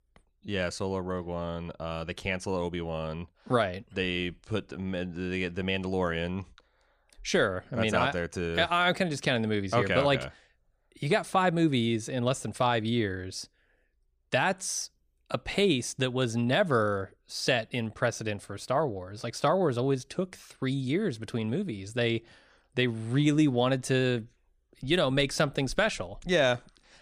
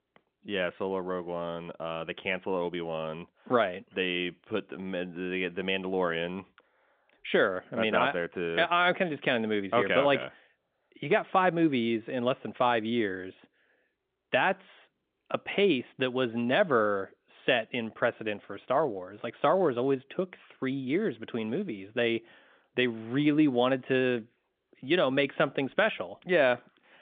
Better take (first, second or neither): first